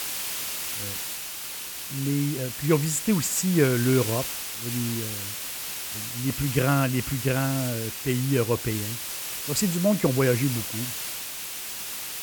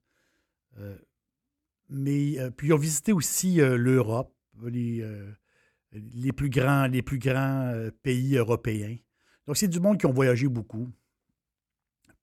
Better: second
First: hiss; loud; throughout; 5 dB below the speech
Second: none

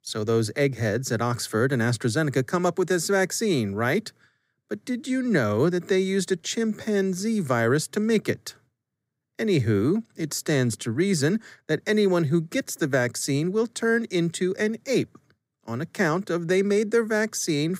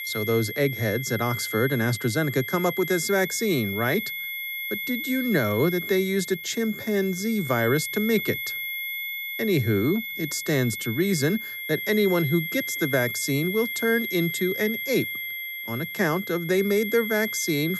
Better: first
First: none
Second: high-pitched whine; loud; throughout; 2 kHz, 5 dB below the speech

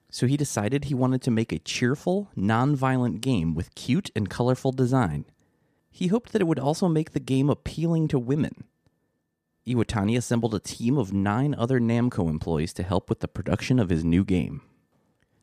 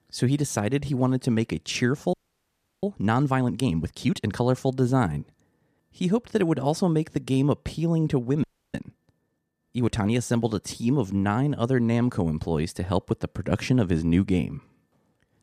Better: first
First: none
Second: audio freezing; at 2 s for 0.5 s and at 8.5 s

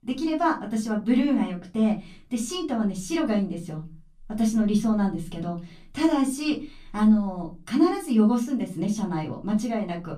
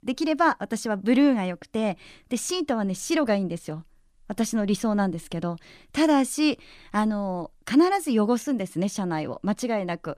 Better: second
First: off-mic speech; far // room echo; very slight; dies away in 0.3 s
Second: none

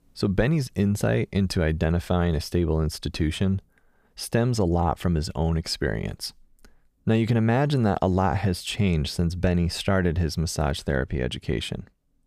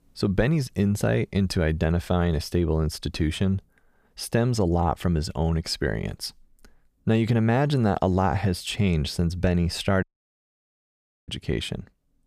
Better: first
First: none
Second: audio cutting out; at 10 s for 1.5 s

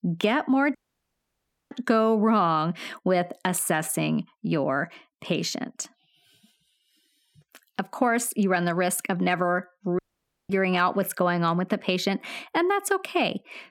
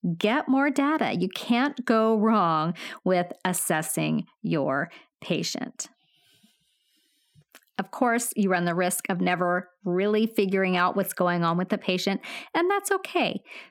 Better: second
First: audio cutting out; at 1 s for 1 s and at 10 s for 0.5 s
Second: none

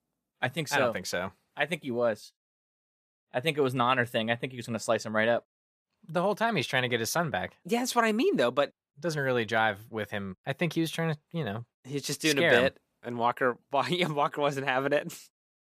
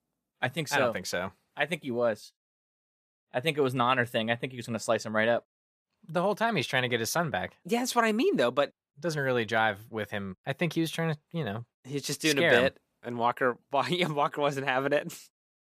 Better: neither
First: none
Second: none

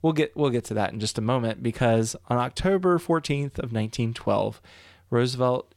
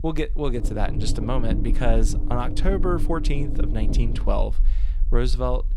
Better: first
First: none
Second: low rumble; loud; throughout; 9 dB below the speech

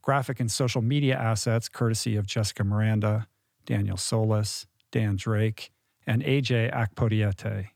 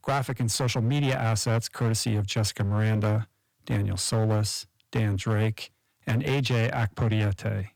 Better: first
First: none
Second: distortion; slight; 16% of the sound clipped

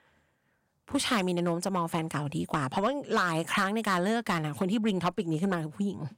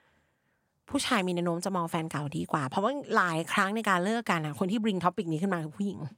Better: second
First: distortion; slight; 2% of the sound clipped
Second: none

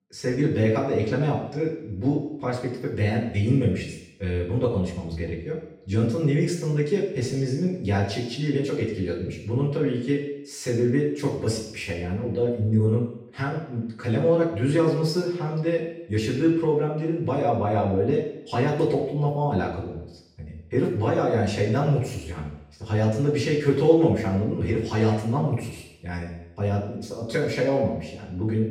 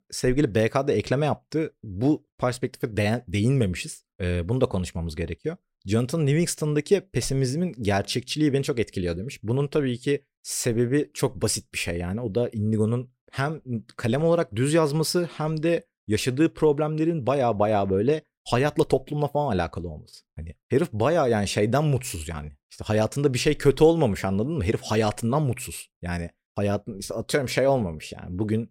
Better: second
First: room echo; noticeable; dies away in 0.8 s // off-mic speech; far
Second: none

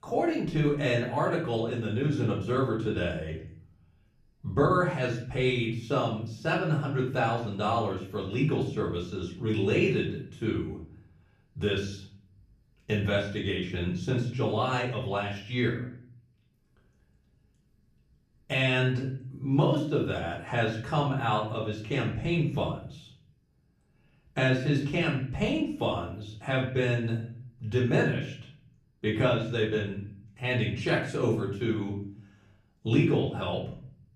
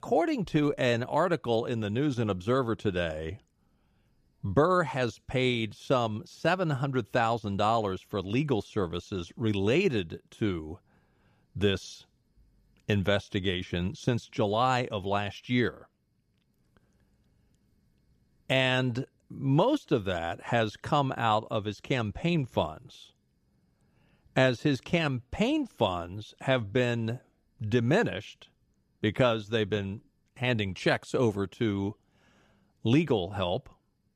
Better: second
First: off-mic speech; far // room echo; slight; dies away in 0.5 s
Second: none

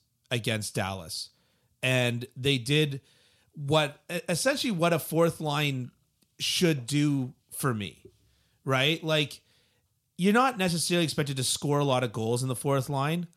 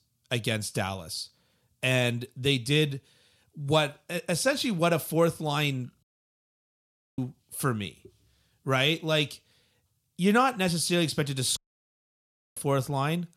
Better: first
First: none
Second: audio cutting out; at 6 s for 1 s and at 12 s for 1 s

